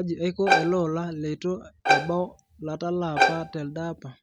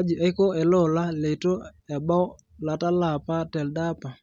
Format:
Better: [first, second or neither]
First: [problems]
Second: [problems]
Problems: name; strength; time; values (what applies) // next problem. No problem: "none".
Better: second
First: background sound (Bowed string instrument); 2 dB above the speech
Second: none